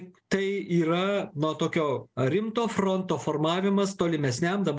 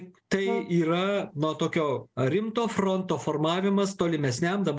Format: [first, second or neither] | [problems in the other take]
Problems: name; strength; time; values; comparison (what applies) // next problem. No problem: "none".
first | background sound (Brass instrument); 11 dB below the speech